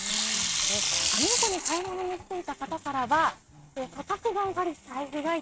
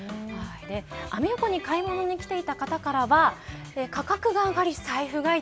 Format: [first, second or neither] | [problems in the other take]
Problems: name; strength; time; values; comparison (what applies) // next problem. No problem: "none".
second | noise reduction (neural mask model RNNoise)